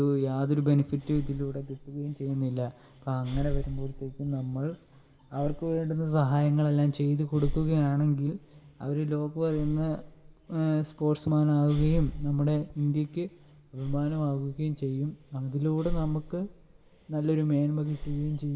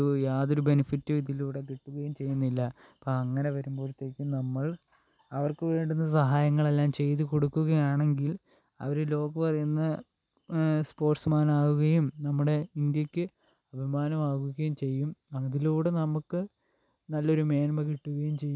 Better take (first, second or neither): second